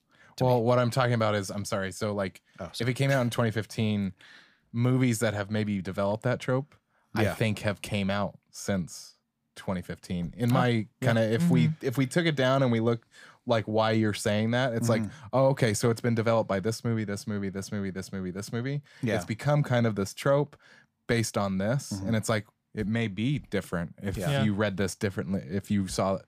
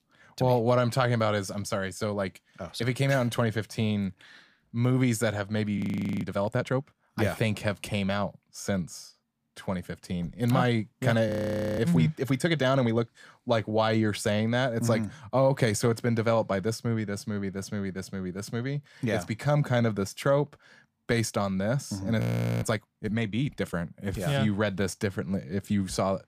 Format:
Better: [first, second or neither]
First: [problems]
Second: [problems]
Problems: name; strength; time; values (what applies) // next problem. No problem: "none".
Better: first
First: none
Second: audio freezing; at 6 s, at 11 s and at 22 s